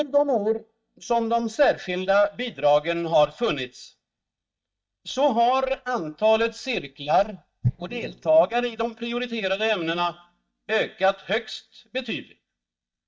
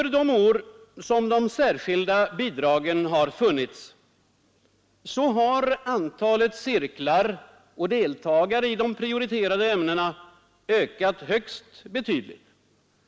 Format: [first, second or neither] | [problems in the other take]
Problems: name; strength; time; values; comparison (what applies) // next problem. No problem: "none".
second | noise reduction (neural mask model DeepFilterNet 3)